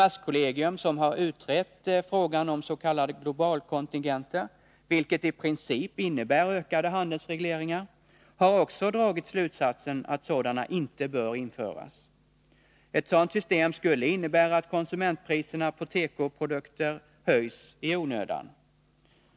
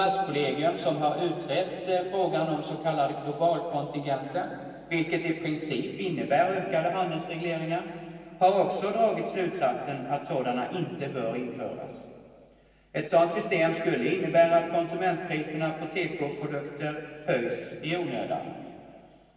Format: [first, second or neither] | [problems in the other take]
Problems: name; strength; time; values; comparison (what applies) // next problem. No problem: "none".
first | room echo; dies away in 2.5 s